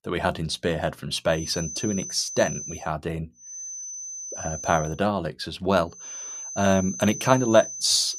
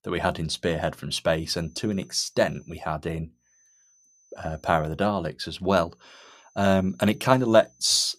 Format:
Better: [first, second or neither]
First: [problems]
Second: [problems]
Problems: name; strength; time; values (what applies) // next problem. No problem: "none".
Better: second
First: high-pitched whine; loud; from 1.5 to 3 s, from 3.5 to 5 s and from 6 s on; 6 kHz, 9 dB below the speech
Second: high-pitched whine; faint; from 1.5 to 3 s, from 3.5 to 5 s and from 6 s on; 6 kHz, 35 dB below the speech